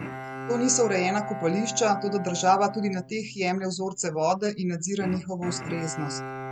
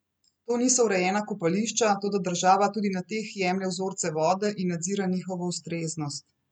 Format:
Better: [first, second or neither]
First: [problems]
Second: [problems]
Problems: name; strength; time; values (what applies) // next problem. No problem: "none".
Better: second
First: background sound (Bowed string instrument); 10 dB below the speech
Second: none